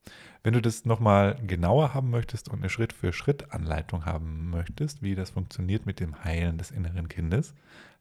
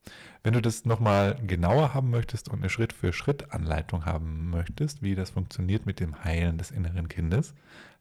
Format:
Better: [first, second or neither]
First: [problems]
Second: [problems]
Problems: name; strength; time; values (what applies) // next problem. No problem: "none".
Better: first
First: none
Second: distortion; slight; 3% of the sound clipped